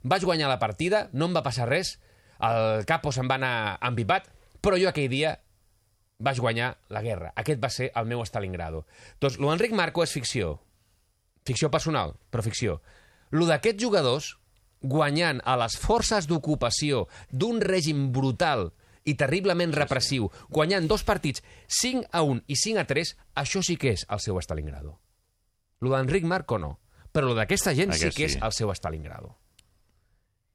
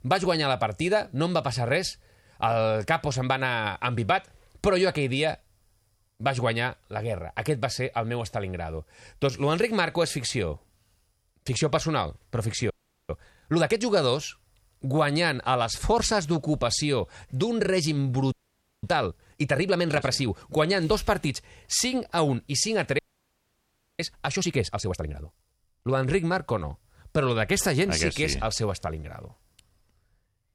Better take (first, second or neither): first